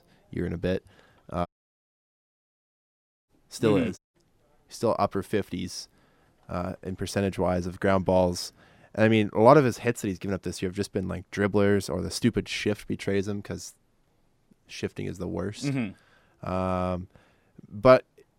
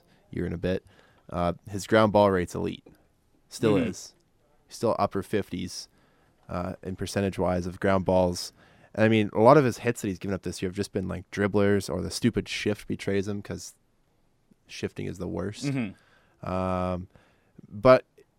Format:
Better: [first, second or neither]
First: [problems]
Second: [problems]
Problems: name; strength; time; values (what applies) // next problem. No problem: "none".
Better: second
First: audio cutting out; at 1.5 s for 2 s and at 4 s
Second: none